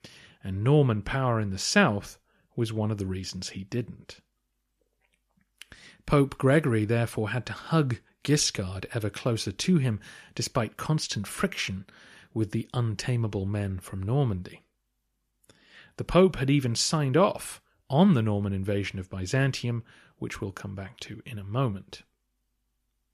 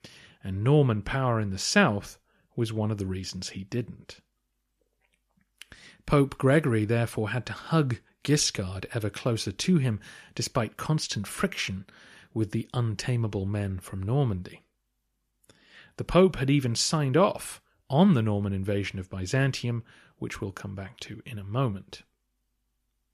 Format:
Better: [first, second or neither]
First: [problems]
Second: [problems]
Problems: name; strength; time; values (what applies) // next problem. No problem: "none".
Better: neither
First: none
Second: none